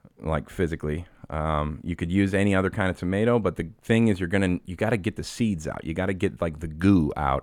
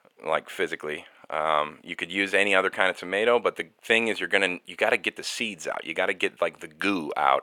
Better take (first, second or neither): first